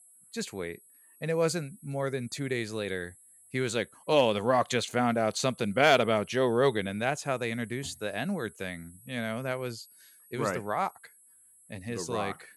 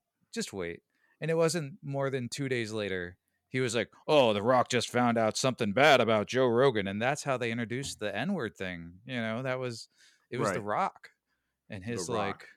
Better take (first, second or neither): second